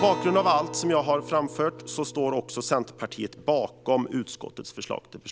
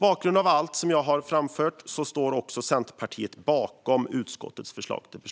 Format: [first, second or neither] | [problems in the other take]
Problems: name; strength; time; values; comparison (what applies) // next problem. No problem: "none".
second | background sound (Acoustic guitar); 13 dB below the speech